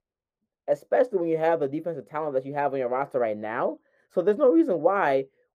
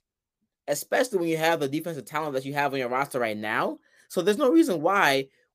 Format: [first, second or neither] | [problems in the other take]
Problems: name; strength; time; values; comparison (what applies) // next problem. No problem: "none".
second | muffled; very; fading above 3 kHz